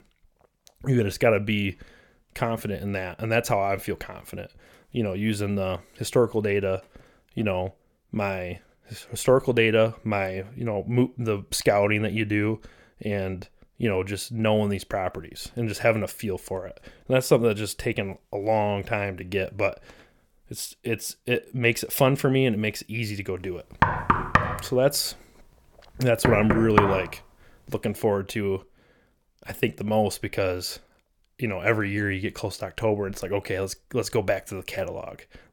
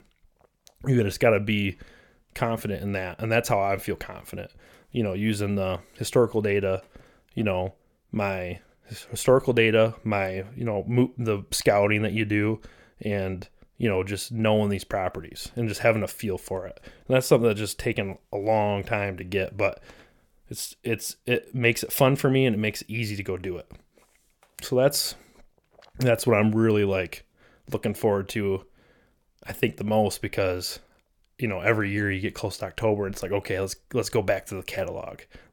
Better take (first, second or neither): second